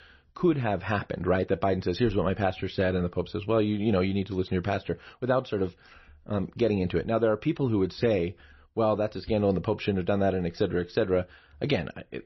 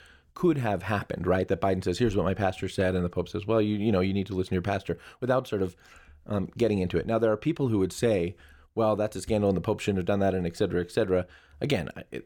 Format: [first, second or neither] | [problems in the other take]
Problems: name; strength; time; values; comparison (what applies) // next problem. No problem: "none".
second | garbled, watery; slightly; nothing above 5.5 kHz